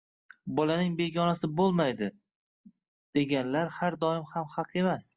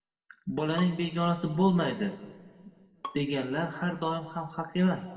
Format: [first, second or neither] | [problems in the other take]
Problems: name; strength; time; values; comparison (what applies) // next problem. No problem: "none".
first | background sound (Bowed string instrument); 20 dB below the speech // room echo; dies away in 1.7 s